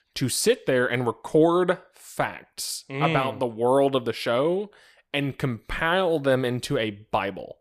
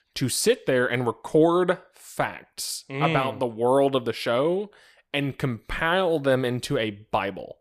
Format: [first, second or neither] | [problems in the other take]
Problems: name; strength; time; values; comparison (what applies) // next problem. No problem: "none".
neither | none